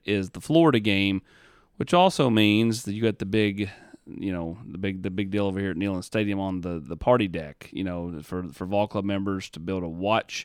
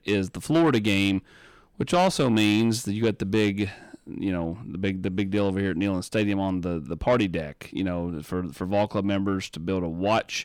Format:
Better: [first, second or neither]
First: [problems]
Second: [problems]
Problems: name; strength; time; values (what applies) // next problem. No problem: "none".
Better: first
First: none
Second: distortion; slight; 10 dB below the speech